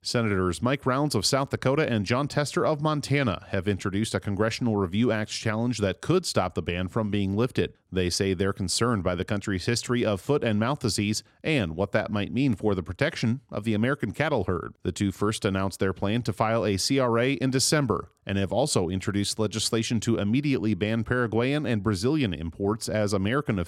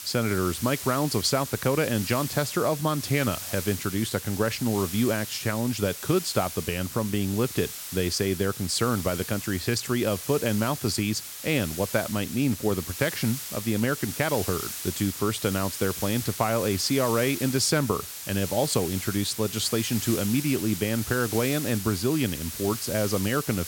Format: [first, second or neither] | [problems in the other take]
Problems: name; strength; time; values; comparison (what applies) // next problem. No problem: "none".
first | hiss; loud; throughout; 7 dB below the speech